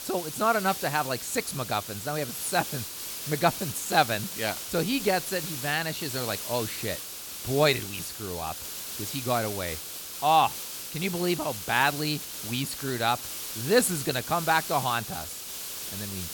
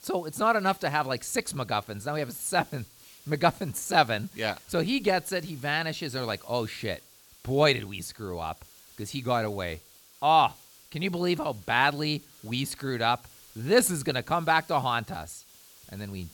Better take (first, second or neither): second